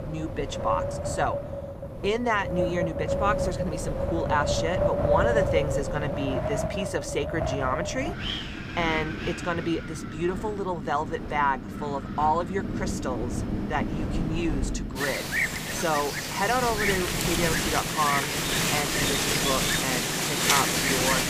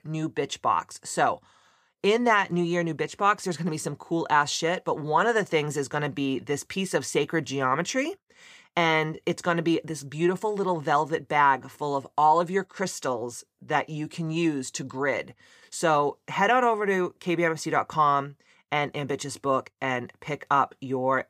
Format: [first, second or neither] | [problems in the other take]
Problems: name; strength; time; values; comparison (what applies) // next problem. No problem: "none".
second | wind in the background; very loud; throughout; 2 dB above the speech